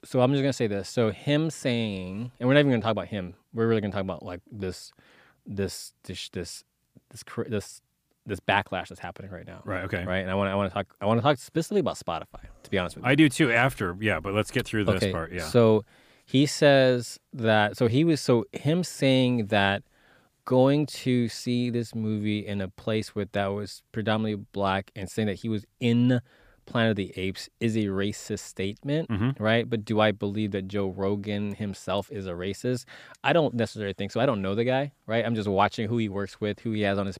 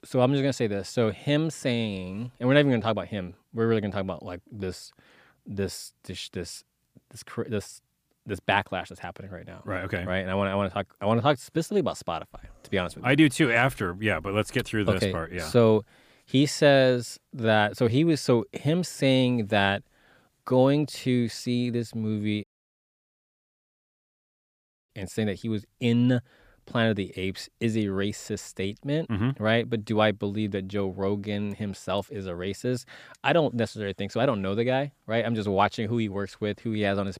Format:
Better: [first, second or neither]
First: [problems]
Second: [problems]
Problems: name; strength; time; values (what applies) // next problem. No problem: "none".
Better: first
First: none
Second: audio cutting out; at 22 s for 2.5 s